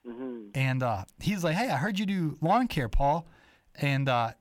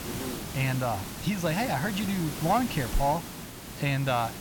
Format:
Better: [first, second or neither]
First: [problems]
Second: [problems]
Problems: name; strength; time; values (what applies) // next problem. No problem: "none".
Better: first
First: none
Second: hiss; loud; throughout; 8 dB below the speech